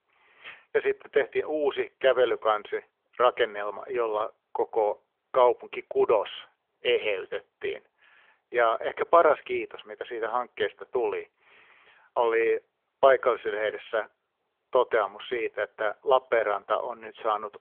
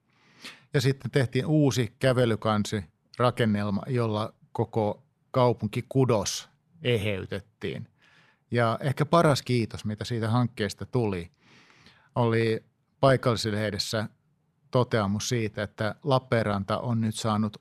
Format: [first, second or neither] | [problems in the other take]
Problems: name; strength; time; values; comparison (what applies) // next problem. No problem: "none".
second | phone-call audio; nothing above 3.5 kHz